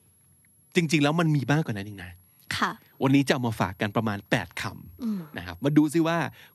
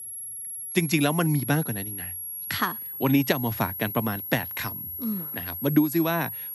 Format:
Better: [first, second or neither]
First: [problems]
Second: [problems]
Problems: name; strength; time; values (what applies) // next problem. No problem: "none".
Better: first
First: high-pitched whine; faint; throughout; 11.5 kHz, 30 dB below the speech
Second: high-pitched whine; loud; throughout; 11.5 kHz, 6 dB below the speech